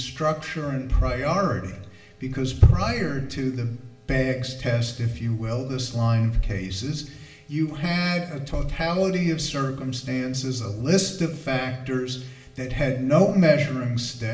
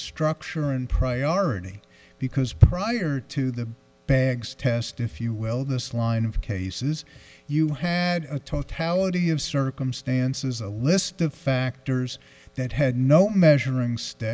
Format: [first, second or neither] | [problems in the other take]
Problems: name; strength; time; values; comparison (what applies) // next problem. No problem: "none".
second | room echo; dies away in 0.8 s